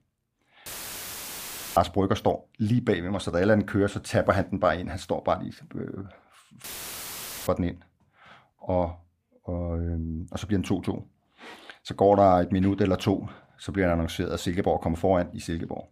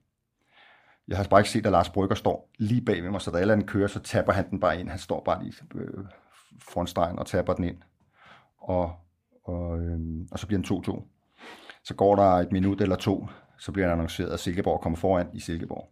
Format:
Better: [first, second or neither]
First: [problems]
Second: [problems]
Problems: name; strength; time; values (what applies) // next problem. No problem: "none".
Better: second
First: audio cutting out; filled with static; at 0.5 s for 1 s and at 6.5 s for 1 s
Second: none